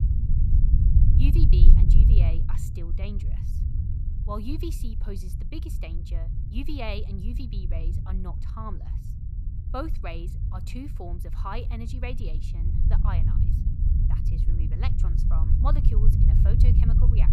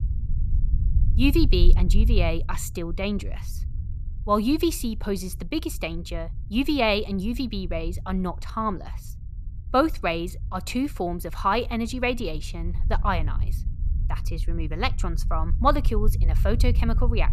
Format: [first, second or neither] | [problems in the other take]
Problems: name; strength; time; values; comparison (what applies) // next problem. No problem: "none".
second | low rumble; loud; throughout; 3 dB below the speech; faint in the second